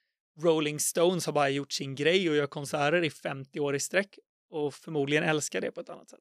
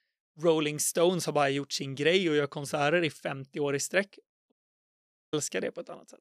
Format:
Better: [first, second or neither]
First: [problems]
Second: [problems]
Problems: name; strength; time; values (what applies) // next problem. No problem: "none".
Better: first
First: none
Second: audio cutting out; at 4.5 s for 1 s